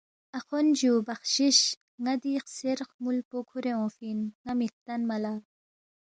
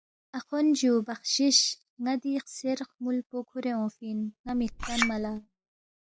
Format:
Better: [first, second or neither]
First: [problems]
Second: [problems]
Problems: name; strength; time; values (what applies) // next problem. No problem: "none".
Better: first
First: none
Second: noise reduction (classical method log-MMSE)